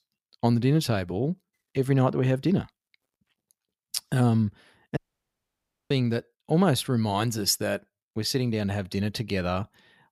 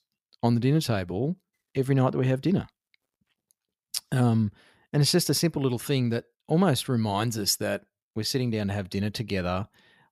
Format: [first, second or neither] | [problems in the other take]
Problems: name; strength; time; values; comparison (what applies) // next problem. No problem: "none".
second | audio cutting out; at 5 s for 1 s